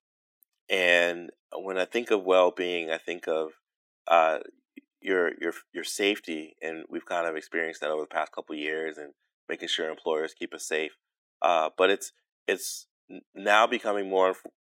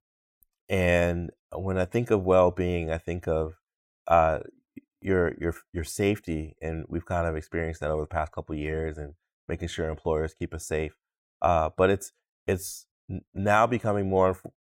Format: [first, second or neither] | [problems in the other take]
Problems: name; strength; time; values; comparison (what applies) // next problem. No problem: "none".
second | thin; somewhat; fading below 250 Hz